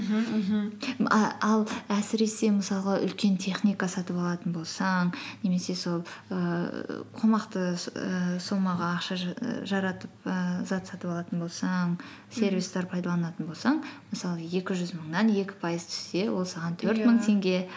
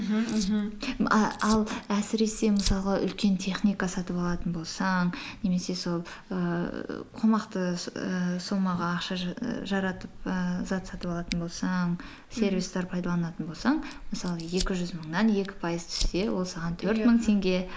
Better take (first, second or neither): first